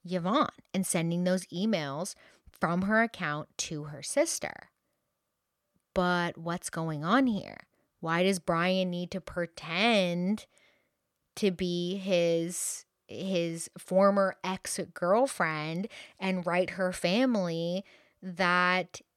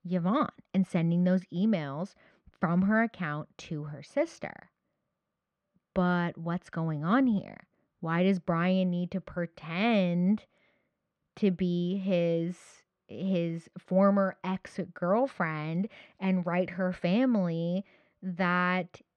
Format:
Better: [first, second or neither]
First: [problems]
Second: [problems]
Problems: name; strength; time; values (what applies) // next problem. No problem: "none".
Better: first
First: none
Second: muffled; slightly; fading above 2.5 kHz